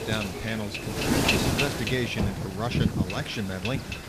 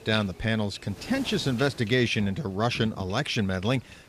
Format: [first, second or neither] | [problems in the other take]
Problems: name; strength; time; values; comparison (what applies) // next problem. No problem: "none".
second | wind noise on the microphone; heavy; 3 dB above the speech; occasional gusts in the second